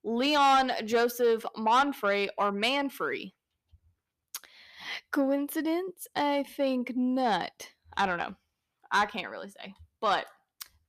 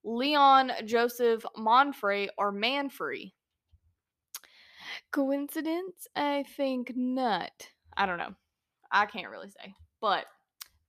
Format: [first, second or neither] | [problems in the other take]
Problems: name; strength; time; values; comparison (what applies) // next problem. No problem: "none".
second | distortion; slight; 10 dB below the speech